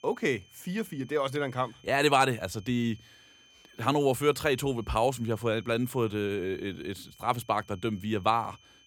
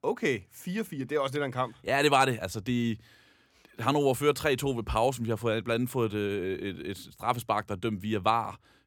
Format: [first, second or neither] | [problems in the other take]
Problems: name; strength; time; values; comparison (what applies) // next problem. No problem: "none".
second | high-pitched whine; faint; throughout; 3 kHz, 30 dB below the speech